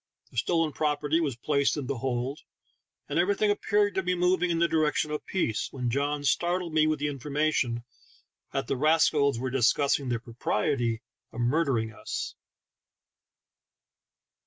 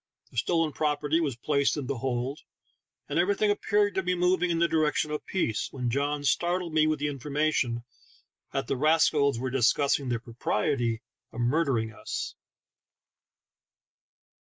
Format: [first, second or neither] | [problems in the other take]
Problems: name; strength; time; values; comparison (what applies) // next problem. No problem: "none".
first | noise reduction (neural mask model Resemble Enhance denoiser)